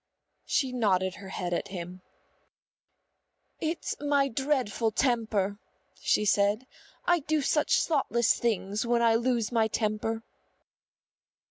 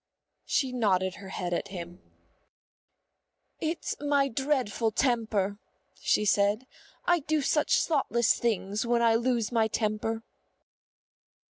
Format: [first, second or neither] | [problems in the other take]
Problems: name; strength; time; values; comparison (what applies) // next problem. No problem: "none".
first | noise reduction (neural separator model SepFormer DNS4)